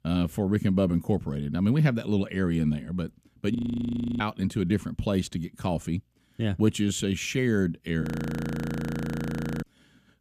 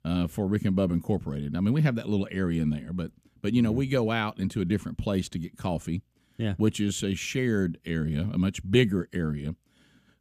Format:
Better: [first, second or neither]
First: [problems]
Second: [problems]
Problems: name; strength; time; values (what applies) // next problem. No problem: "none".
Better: second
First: audio freezing; at 3.5 s for 0.5 s and at 8 s for 1.5 s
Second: none